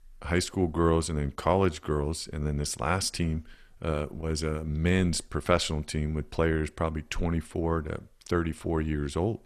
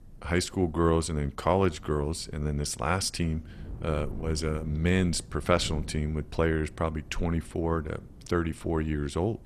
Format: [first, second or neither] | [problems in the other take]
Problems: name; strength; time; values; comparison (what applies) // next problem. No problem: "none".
first | wind noise on the microphone; occasional gusts; 25 dB below the speech